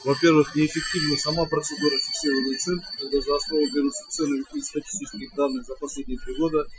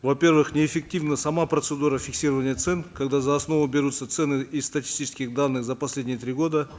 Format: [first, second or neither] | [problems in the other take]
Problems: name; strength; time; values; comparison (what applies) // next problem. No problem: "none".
second | noise reduction (classical method Wiener filter)